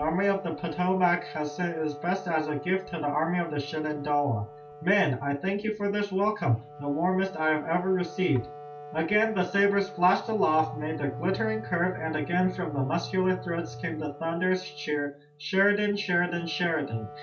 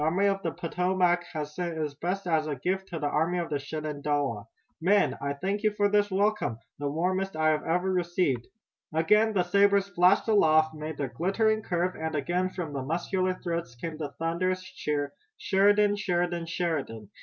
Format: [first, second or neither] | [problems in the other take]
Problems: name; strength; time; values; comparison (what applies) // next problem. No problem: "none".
second | background sound (Wind instrument, woodwind instrument); 16 dB below the speech // room echo; dies away in 0.2 s